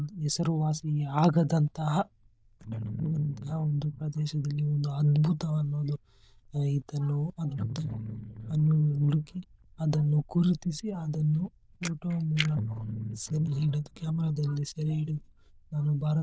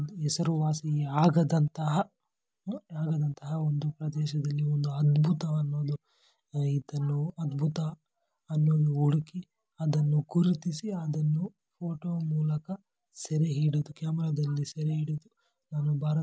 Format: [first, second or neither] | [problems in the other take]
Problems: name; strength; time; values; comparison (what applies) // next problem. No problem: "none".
second | noise reduction (neural diffusion model UNIVERSE++)